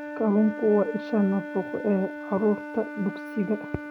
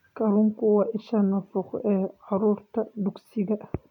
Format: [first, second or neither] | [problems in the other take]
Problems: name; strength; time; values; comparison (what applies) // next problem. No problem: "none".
second | background sound (Wind instrument, woodwind instrument); 10 dB below the speech